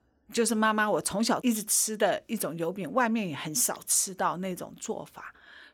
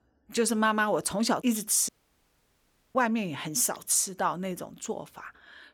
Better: first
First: none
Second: audio cutting out; at 2 s for 1 s

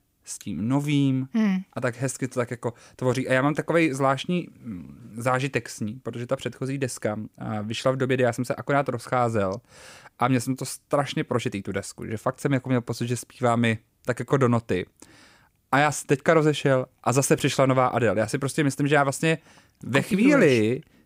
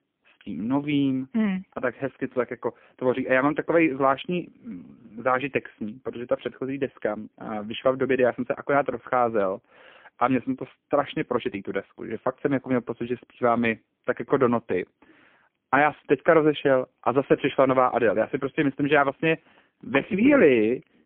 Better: first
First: none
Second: phone-call audio; poor line; nothing above 3.5 kHz

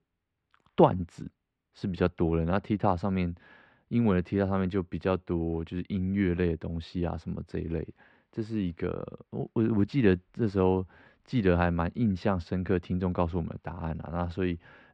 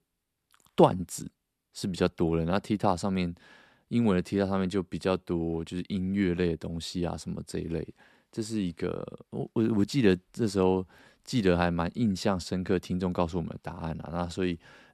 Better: second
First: muffled; slightly; fading above 2 kHz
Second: none

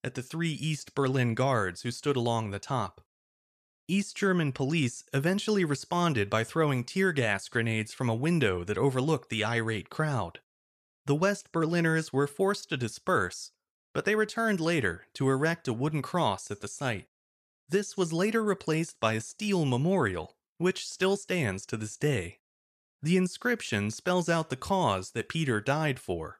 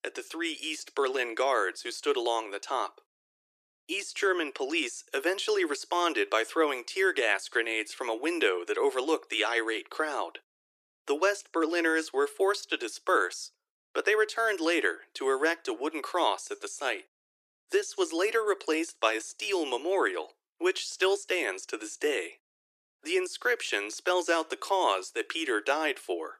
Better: first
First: none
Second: thin; very; fading below 300 Hz

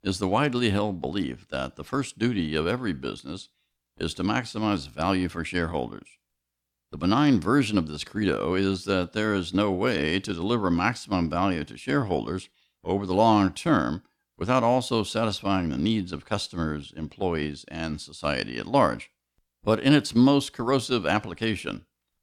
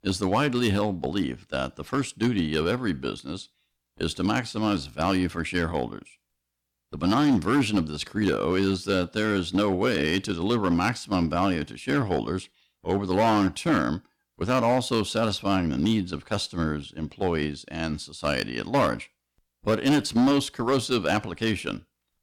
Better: first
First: none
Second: distortion; slight; 5% of the sound clipped

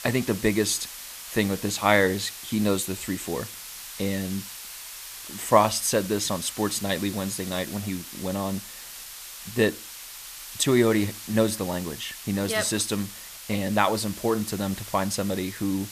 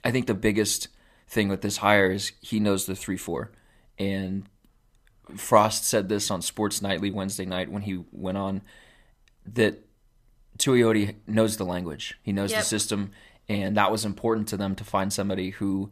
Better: second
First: hiss; noticeable; throughout; 10 dB below the speech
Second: none

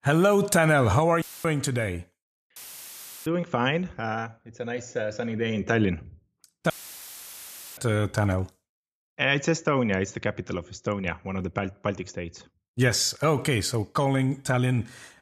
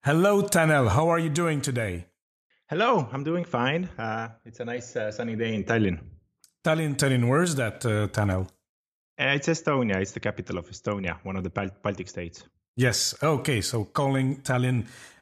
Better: second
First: audio cutting out; filled with static; at 1 s, at 2.5 s for 0.5 s and at 6.5 s for 1 s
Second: none

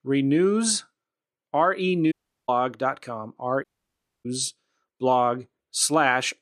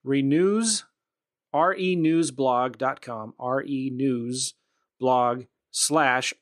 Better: second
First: audio cutting out; at 2 s and at 3.5 s for 0.5 s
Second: none

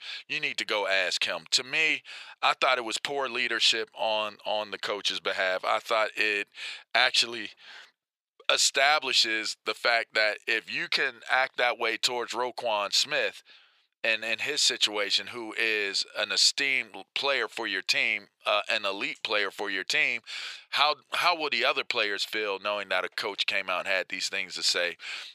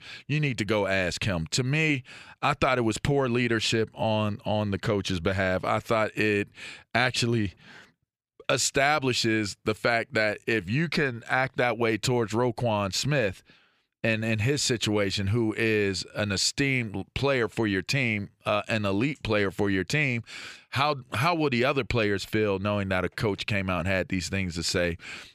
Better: second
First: thin; very; fading below 700 Hz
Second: none

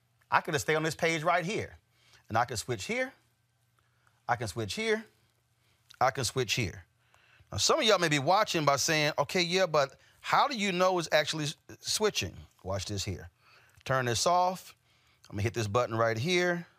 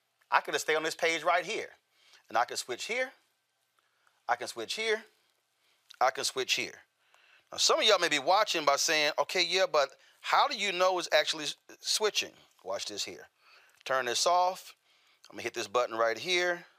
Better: first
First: none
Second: thin; very; fading below 450 Hz

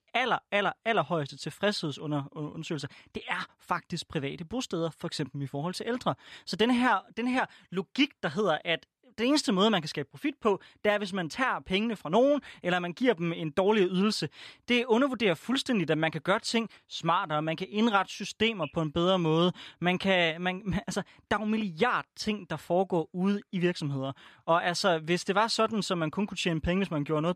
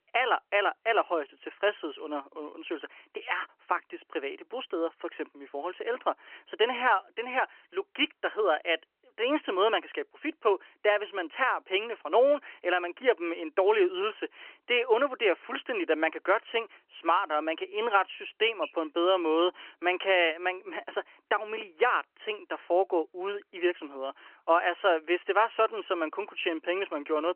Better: first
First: none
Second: phone-call audio; nothing above 3 kHz

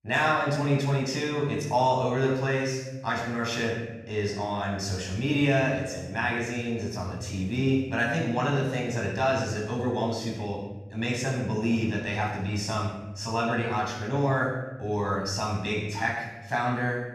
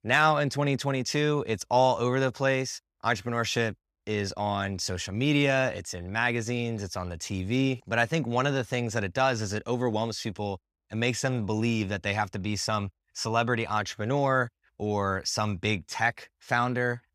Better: second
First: off-mic speech; far // room echo; noticeable; dies away in 1 s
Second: none

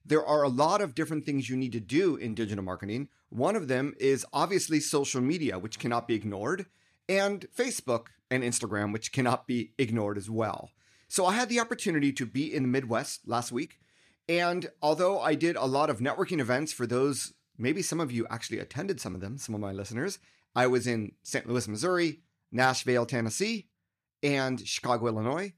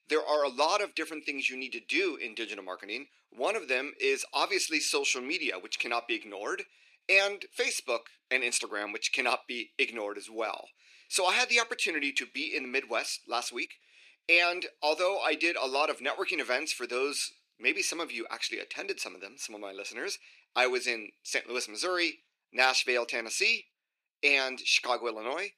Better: first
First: none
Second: thin; somewhat; fading below 350 Hz

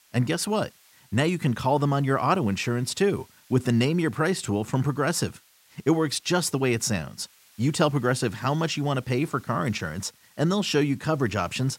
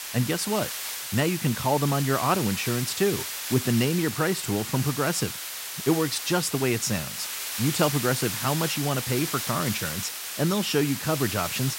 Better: first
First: hiss; faint; throughout; 30 dB below the speech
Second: hiss; loud; throughout; 4 dB below the speech

